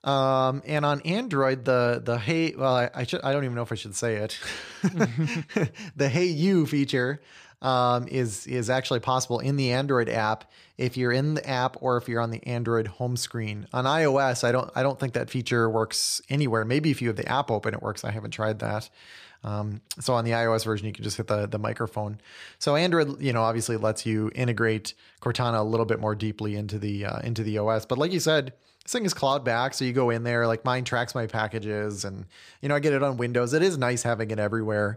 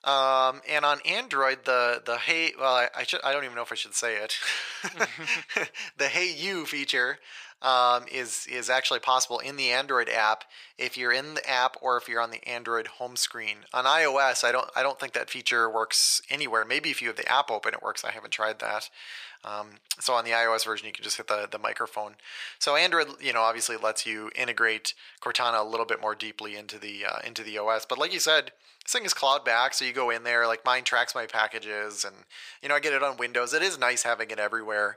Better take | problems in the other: first | thin; very; fading below 750 Hz

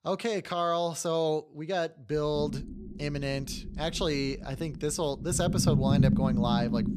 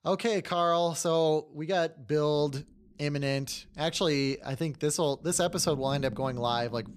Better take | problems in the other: second | low rumble; loud; from 2 s on; 5 dB below the speech; faint in the second

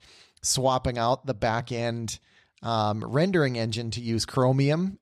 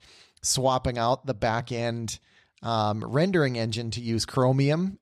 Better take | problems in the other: neither | none

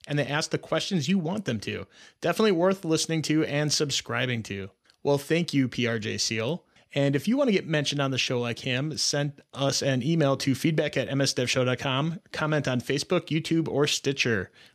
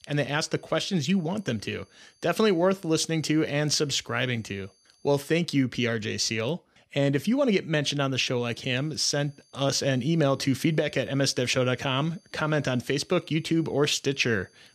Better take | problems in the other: first | high-pitched whine; faint; until 5 s and from 8.5 s on; 4.5 kHz, 35 dB below the speech

